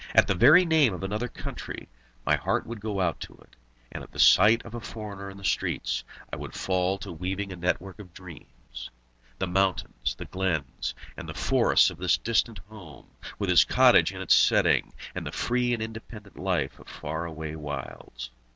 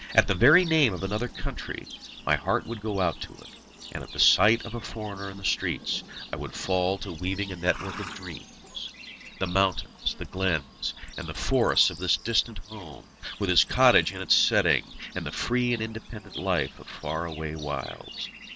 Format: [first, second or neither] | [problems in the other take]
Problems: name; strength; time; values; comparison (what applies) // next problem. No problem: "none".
first | background sound (Livestock, farm animals, working animals); 17 dB below the speech